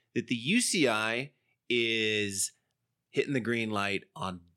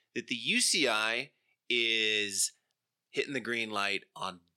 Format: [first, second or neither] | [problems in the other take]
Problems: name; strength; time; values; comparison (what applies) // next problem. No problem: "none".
first | thin; very slightly; fading below 1 kHz